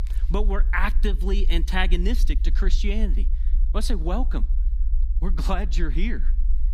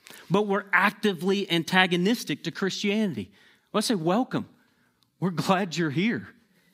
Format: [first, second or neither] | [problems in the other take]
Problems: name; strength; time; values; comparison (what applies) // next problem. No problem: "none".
second | low rumble; noticeable; throughout; 20 dB below the speech